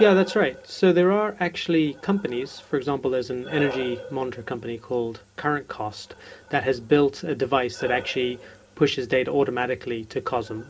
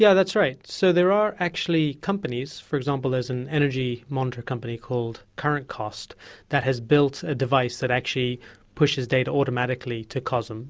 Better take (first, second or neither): second